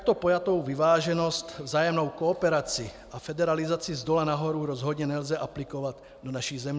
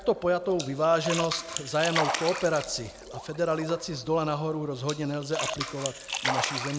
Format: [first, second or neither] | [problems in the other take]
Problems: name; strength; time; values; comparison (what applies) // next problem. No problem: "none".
first | background sound (Splash, splatter); 6 dB below the speech